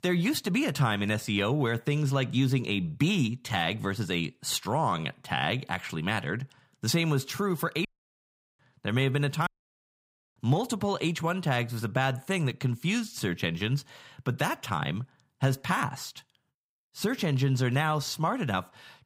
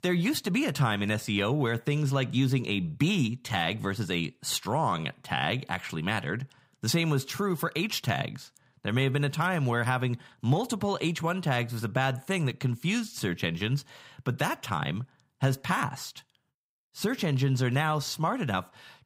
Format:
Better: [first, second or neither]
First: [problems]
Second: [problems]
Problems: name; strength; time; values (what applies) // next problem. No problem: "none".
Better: second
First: audio cutting out; at 8 s for 0.5 s and at 9.5 s for 1 s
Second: none